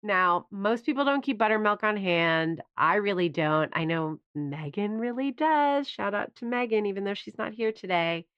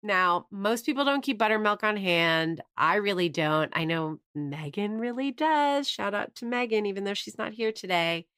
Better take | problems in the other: second | muffled; slightly; fading above 2.5 kHz

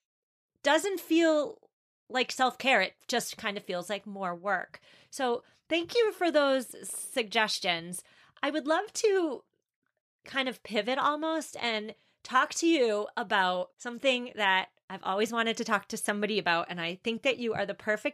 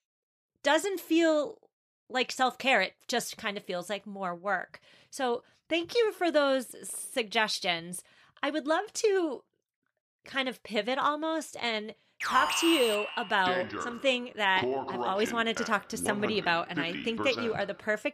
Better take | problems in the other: first | alarm; loud; from 12 to 18 s; peak 1 dB above the speech

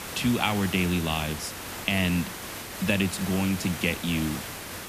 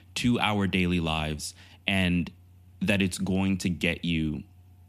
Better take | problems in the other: second | hiss; loud; throughout; 8 dB below the speech

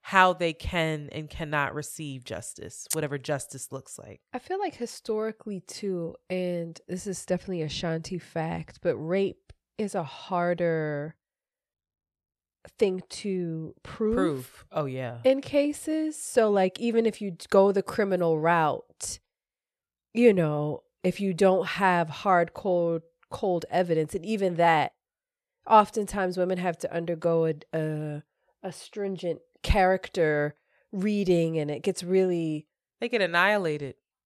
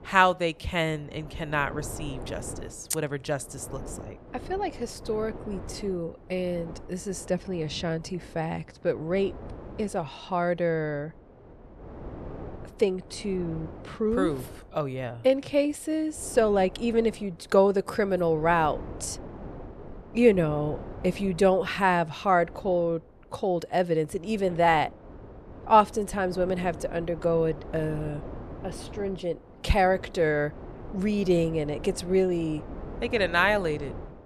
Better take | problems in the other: first | wind noise on the microphone; occasional gusts; 20 dB below the speech

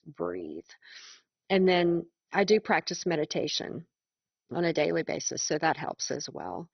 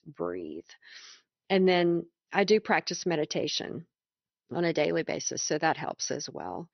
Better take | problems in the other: second | garbled, watery; badly; nothing above 6 kHz; slightly in the second

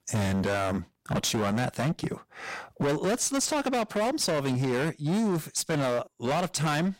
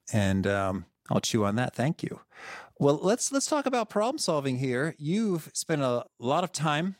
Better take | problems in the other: second | distortion; heavy; 24% of the sound clipped

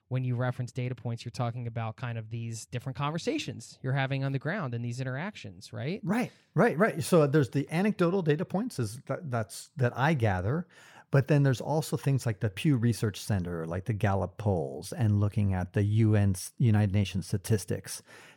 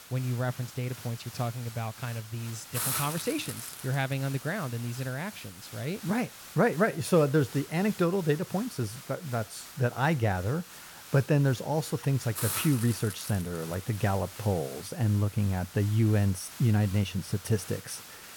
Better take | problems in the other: first | hiss; noticeable; throughout; 10 dB below the speech

